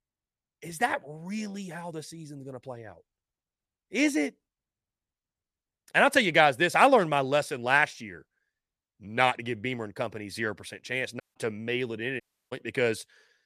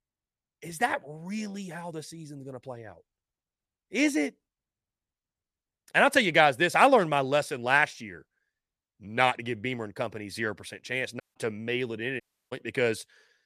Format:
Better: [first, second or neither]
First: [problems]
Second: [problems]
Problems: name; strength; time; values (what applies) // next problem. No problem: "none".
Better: neither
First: audio cutting out; at 11 s and at 12 s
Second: audio cutting out; at 11 s and at 12 s